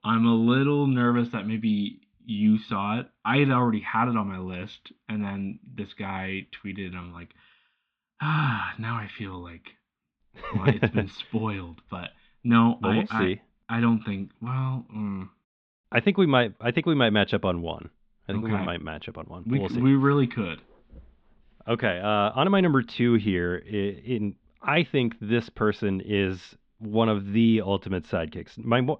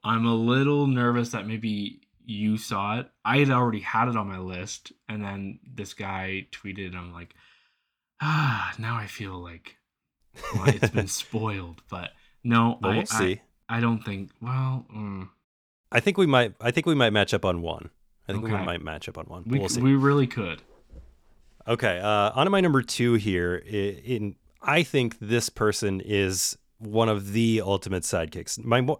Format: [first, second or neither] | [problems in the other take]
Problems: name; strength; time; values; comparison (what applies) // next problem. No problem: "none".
second | muffled; very; fading above 3.5 kHz